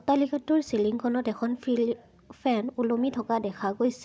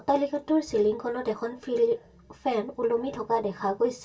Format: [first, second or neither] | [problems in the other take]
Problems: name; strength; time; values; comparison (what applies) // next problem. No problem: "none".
first | room echo; dies away in 0.1 s